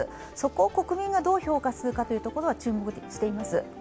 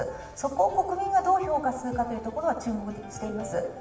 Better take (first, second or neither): first